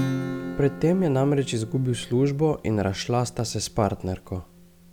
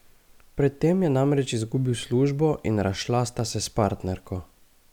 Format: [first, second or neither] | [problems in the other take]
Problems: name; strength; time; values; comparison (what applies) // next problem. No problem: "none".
second | background sound (Acoustic guitar / Strum); 10 dB below the speech